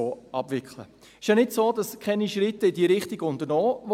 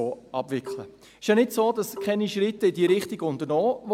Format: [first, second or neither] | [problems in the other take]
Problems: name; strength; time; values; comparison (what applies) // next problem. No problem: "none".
first | background sound (Marimba, xylophone); 15 dB below the speech